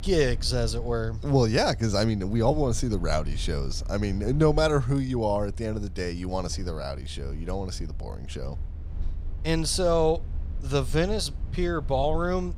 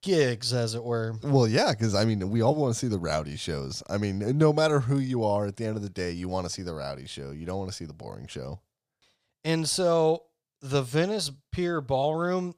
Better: second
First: low rumble; faint; throughout; 25 dB below the speech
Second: none

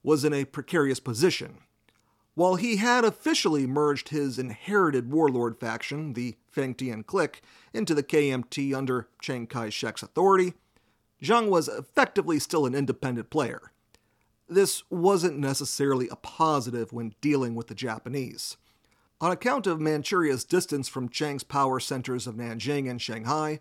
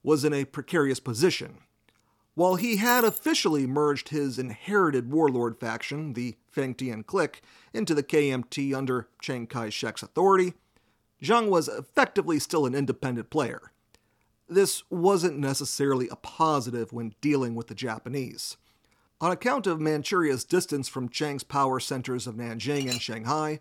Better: first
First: none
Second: jangling keys; noticeable; at 2.5 s; peak 3 dB below the speech // clattering dishes; noticeable; at 23 s; peak 6 dB below the speech

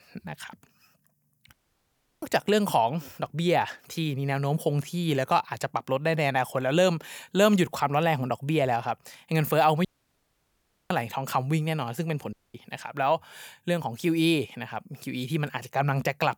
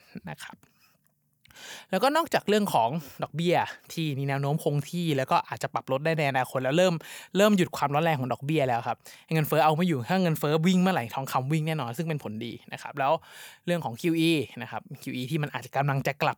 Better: second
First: audio cutting out; at 1.5 s for 0.5 s, at 10 s for 1 s and at 12 s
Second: none

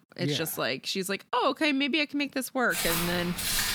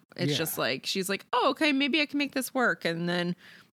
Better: second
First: footsteps; loud; from 2.5 s on; peak 1 dB above the speech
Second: none

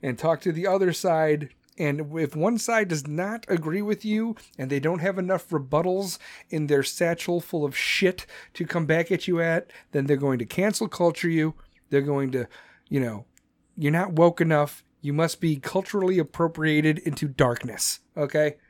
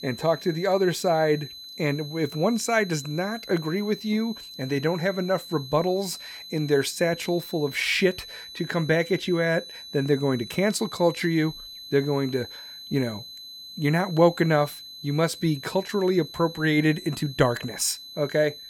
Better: first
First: none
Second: high-pitched whine; noticeable; throughout; 4 kHz, 15 dB below the speech

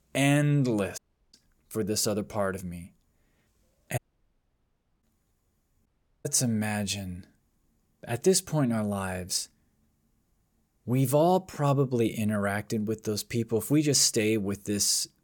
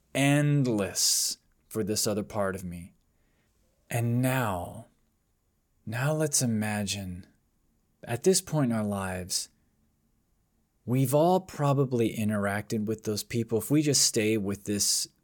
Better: second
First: audio cutting out; at 1 s, at 4 s for 1 s and at 6 s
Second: none

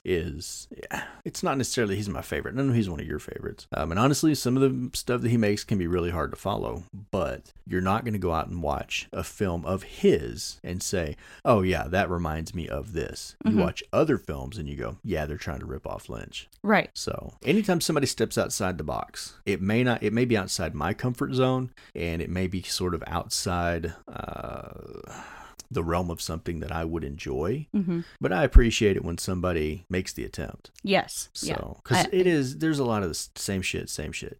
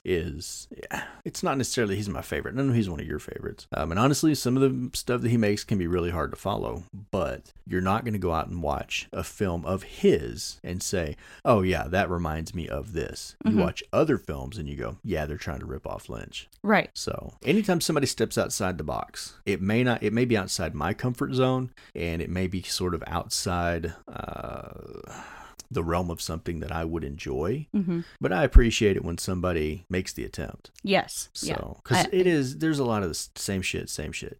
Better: neither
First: none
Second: none

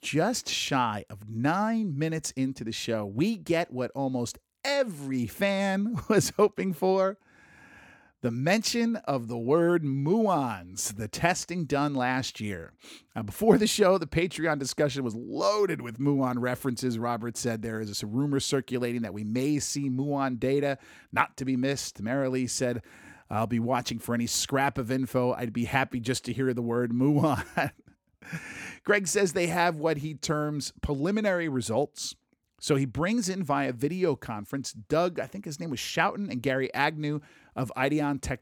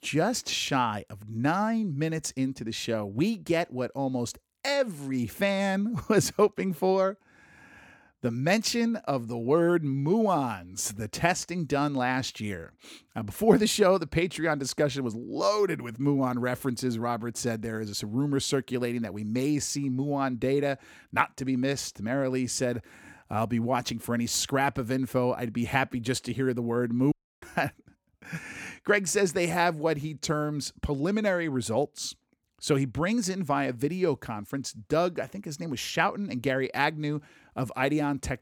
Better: first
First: none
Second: audio cutting out; at 27 s

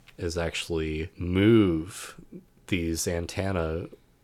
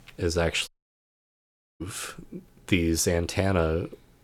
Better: first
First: none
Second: audio cutting out; at 0.5 s for 1 s

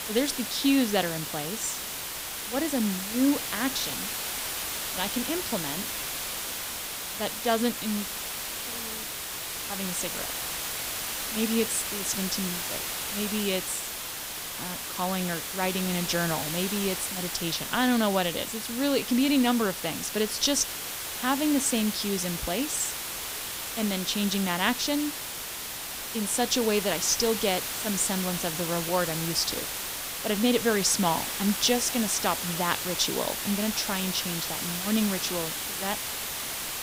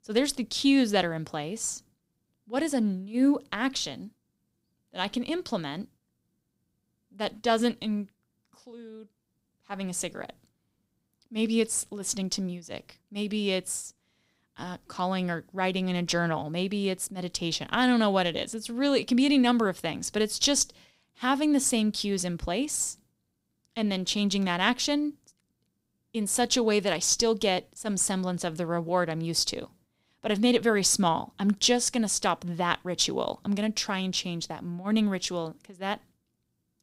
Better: second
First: hiss; loud; throughout; 3 dB below the speech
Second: none

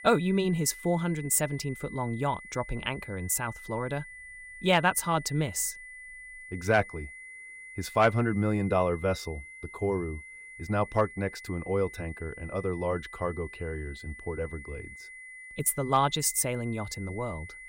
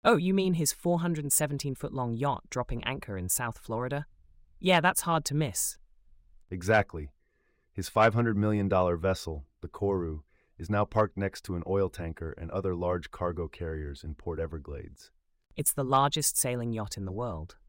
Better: second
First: high-pitched whine; noticeable; throughout; 2 kHz, 15 dB below the speech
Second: none

